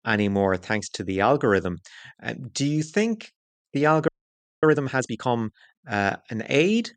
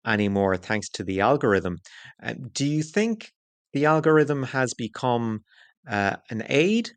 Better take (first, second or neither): second